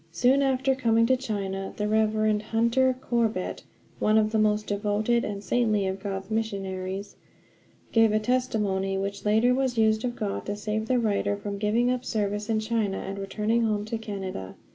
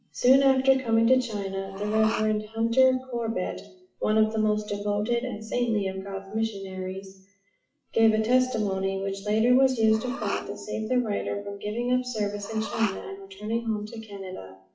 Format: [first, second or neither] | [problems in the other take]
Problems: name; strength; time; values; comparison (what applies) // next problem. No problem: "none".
first | noise reduction (classical method WPE with log-MMSE)